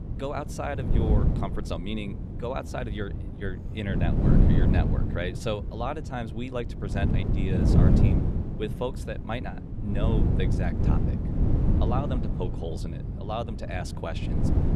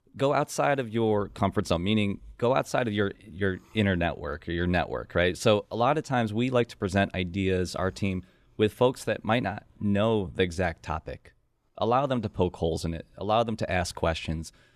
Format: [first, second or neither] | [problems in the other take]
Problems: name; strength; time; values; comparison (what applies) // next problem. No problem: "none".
second | wind noise on the microphone; heavy; 2 dB below the speech